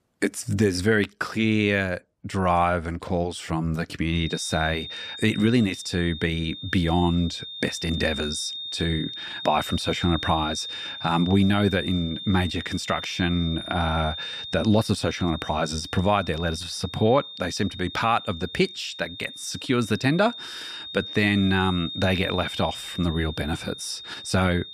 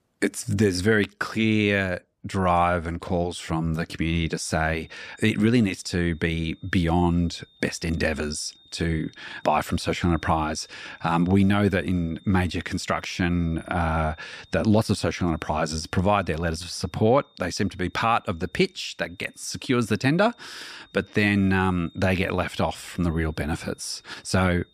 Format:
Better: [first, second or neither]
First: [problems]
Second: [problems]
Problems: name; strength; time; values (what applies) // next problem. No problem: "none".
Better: second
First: high-pitched whine; loud; from 4 s on; 3.5 kHz, 9 dB below the speech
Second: high-pitched whine; faint; from 4 s on; 3.5 kHz, 30 dB below the speech